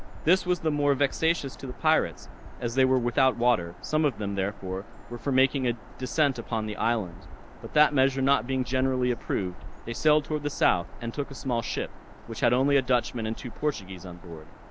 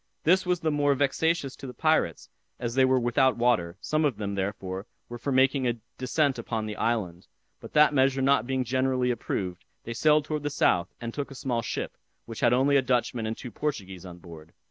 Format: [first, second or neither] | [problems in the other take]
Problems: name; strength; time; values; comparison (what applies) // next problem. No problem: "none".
second | background sound (Bird vocalization, bird call, bird song); 12 dB below the speech